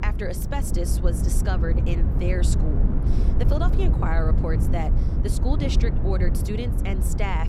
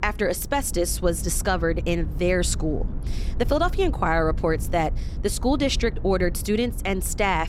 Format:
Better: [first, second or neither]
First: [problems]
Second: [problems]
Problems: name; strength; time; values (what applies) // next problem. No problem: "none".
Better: second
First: low rumble; loud; throughout; 4 dB below the speech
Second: low rumble; faint; throughout; 20 dB below the speech